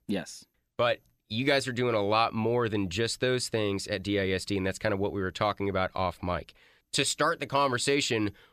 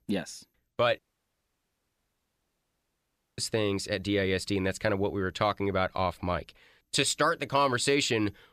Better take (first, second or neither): first